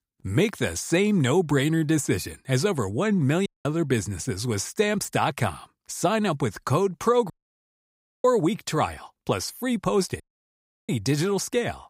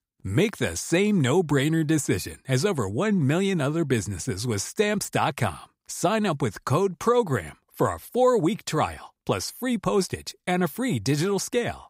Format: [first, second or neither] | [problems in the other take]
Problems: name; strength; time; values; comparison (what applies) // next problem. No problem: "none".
second | audio cutting out; at 3.5 s, at 7.5 s for 1 s and at 10 s for 0.5 s